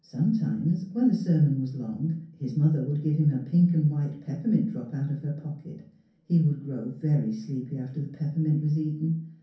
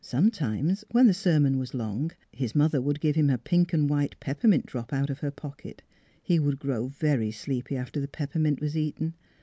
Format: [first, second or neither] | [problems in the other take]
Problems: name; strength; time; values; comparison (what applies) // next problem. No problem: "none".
second | room echo; dies away in 0.6 s